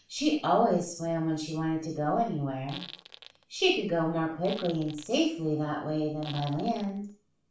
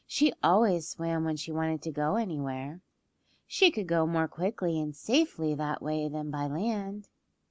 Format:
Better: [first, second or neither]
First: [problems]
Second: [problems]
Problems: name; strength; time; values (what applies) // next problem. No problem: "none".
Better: second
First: background sound (Fart); 18 dB below the speech // room echo; dies away in 0.4 s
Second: none